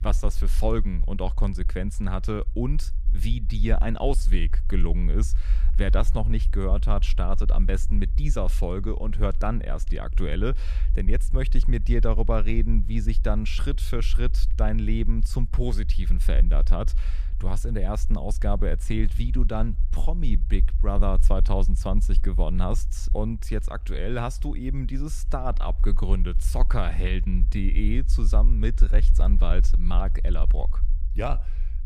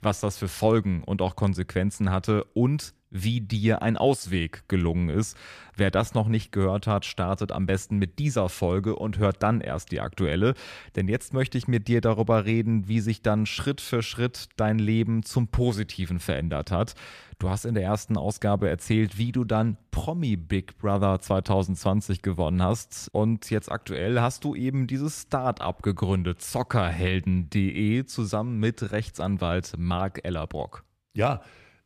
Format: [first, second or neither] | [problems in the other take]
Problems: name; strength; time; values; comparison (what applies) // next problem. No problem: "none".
second | low rumble; noticeable; throughout; 15 dB below the speech